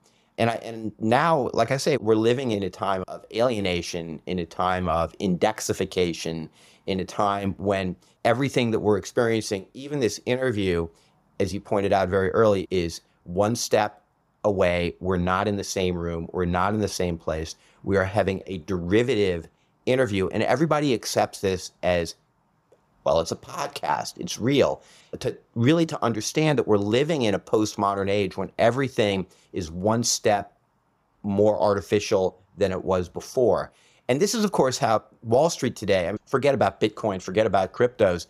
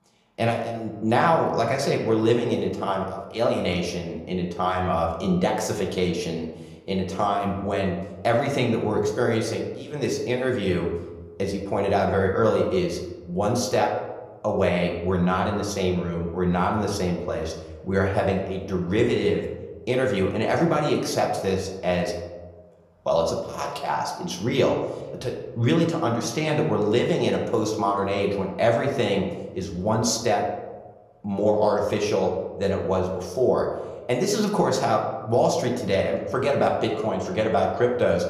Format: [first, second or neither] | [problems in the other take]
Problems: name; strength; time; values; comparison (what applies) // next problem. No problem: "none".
first | room echo; slight; dies away in 0.9 s